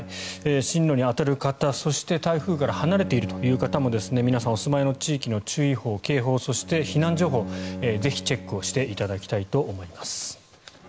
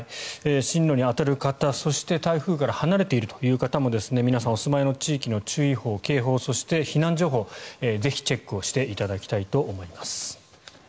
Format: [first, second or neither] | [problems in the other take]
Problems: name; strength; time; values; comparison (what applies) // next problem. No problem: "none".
second | background sound (Bowed string instrument); 13 dB below the speech